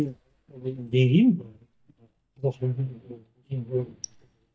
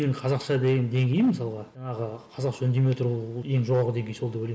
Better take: second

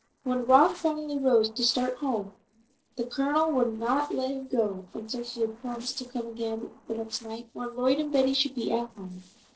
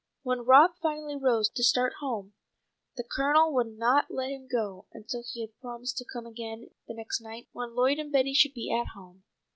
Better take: second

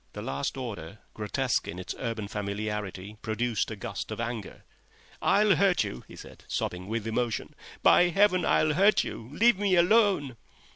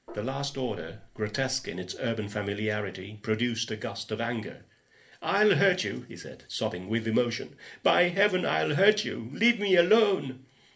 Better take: first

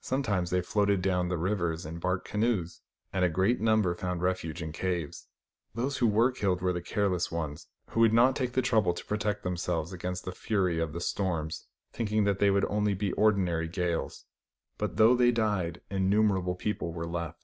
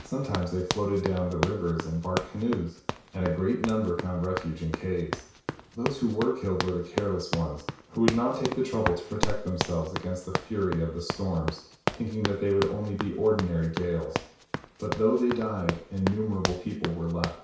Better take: first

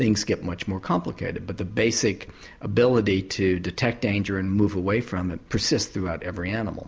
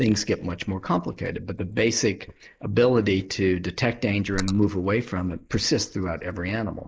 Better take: first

